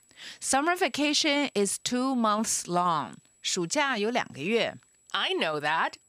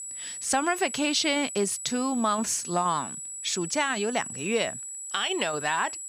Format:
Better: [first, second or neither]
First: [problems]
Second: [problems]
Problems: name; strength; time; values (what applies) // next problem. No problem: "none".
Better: first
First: high-pitched whine; faint; throughout; 8 kHz, 35 dB below the speech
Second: high-pitched whine; loud; throughout; 8 kHz, 8 dB below the speech